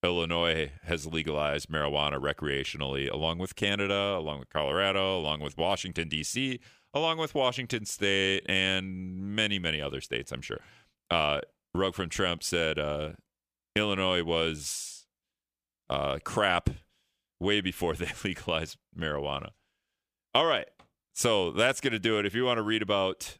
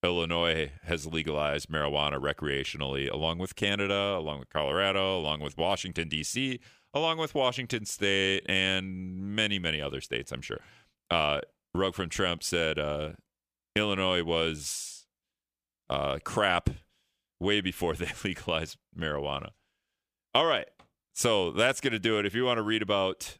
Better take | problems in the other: neither | none

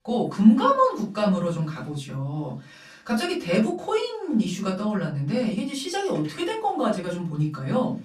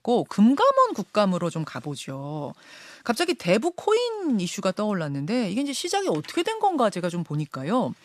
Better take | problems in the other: second | off-mic speech; far // room echo; very slight; dies away in 0.3 s

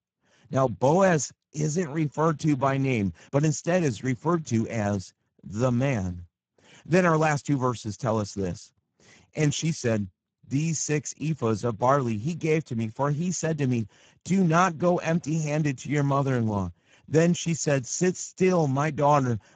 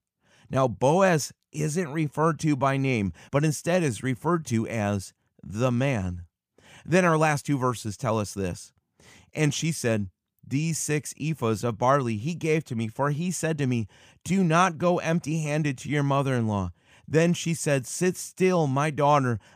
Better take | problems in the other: second | garbled, watery; badly; nothing above 7.5 kHz

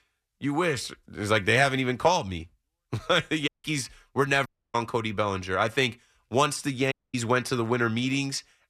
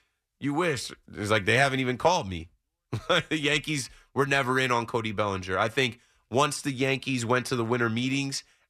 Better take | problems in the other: second | audio cutting out; at 3.5 s, at 4.5 s and at 7 s

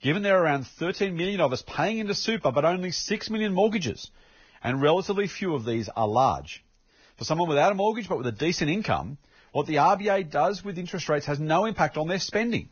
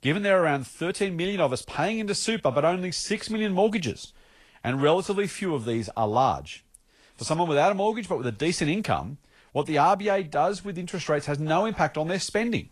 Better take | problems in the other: second | garbled, watery; badly; nothing above 6.5 kHz; slightly in the second

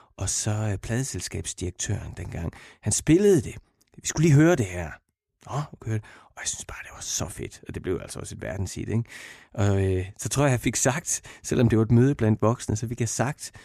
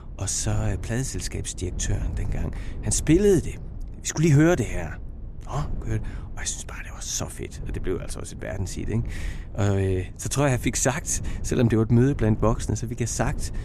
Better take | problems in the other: first | low rumble; faint; throughout; 20 dB below the speech

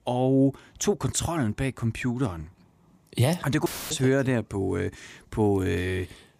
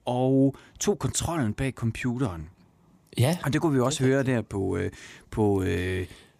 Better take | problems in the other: second | audio cutting out; filled with static; at 3.5 s

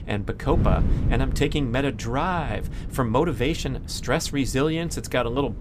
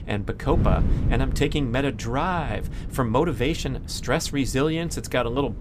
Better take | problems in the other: neither | wind noise on the microphone; occasional gusts; 15 dB below the speech; the same in both

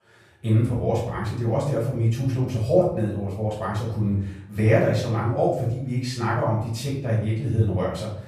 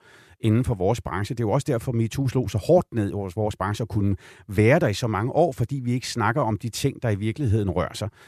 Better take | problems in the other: second | off-mic speech; far // room echo; noticeable; dies away in 0.6 s

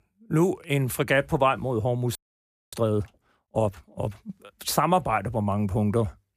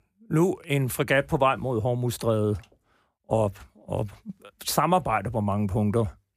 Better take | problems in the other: second | audio freezing; at 2 s for 0.5 s

